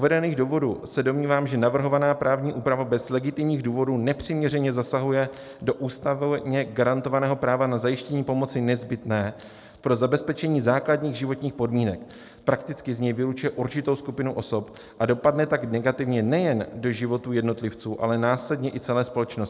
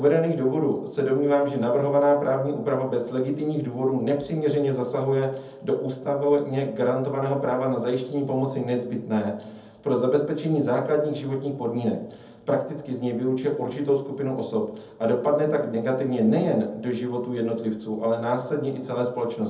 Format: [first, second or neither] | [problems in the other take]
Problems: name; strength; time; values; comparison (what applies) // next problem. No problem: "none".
first | room echo; dies away in 0.7 s